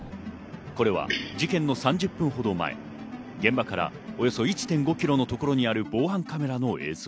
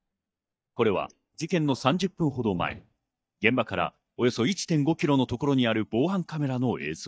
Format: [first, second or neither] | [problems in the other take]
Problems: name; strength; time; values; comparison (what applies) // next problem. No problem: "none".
first | noise reduction (neural mask model DeepFilterNet 3)